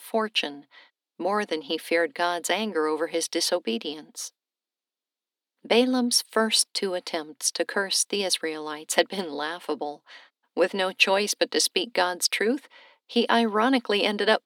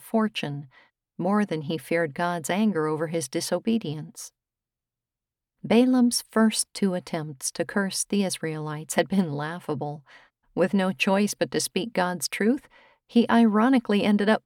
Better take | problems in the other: second | thin; somewhat; fading below 250 Hz

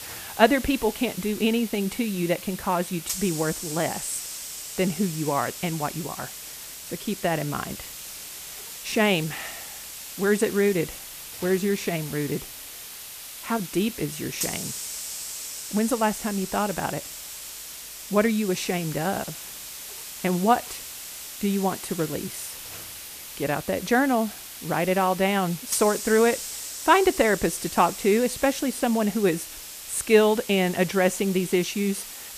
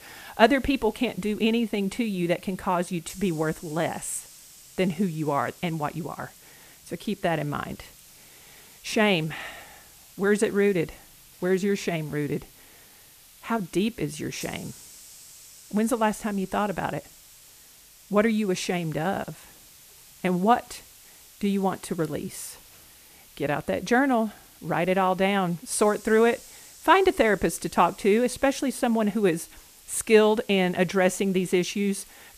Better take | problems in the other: second | hiss; loud; throughout; 10 dB below the speech; faint in the second

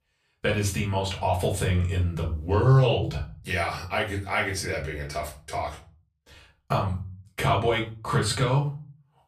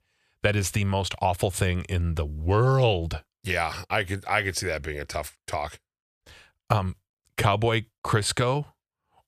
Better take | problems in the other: second | off-mic speech; far // room echo; slight; dies away in 0.3 s

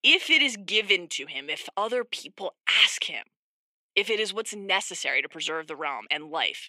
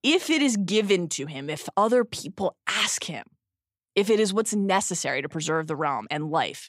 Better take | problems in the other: second | thin; somewhat; fading below 400 Hz

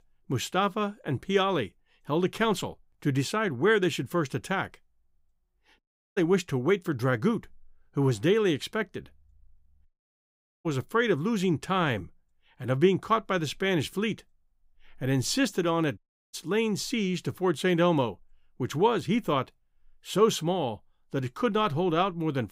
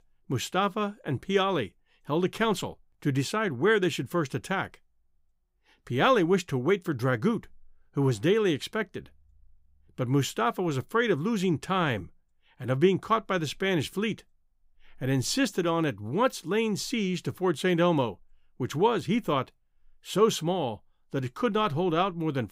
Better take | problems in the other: second | audio cutting out; at 6 s, at 10 s for 1 s and at 16 s

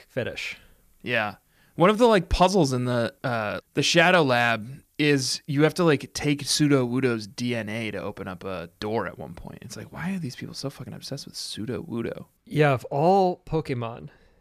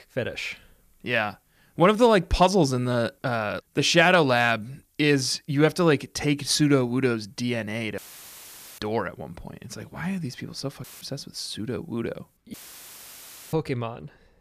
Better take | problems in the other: first | audio cutting out; filled with static; at 8 s for 1 s, at 11 s and at 13 s for 1 s

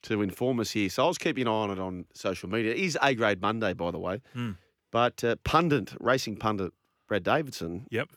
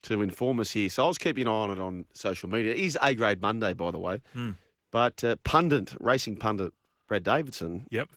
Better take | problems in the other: first | garbled, watery; slightly

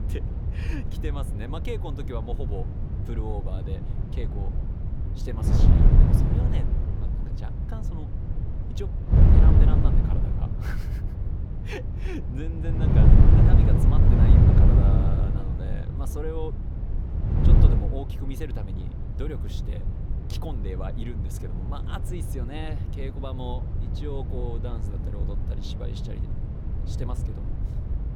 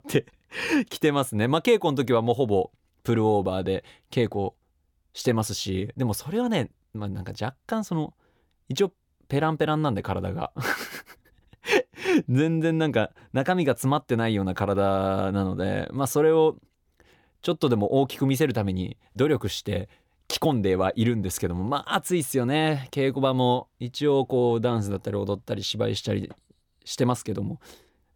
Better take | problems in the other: second | wind noise on the microphone; heavy; 2 dB above the speech

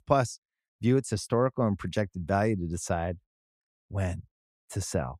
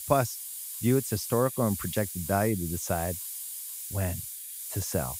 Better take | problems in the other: first | hiss; loud; throughout; 6 dB below the speech

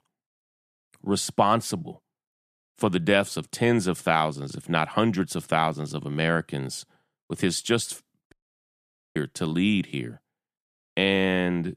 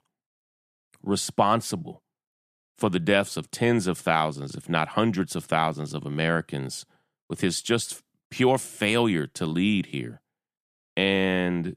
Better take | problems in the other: second | audio cutting out; at 8.5 s for 1 s

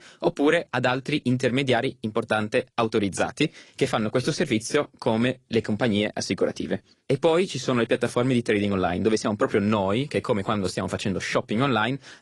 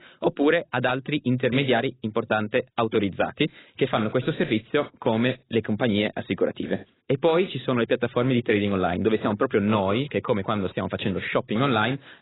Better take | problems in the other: first | garbled, watery; badly; nothing above 4 kHz; slightly in the first

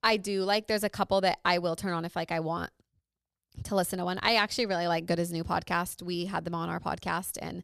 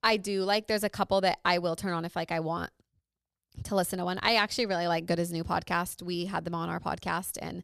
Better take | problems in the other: neither | none

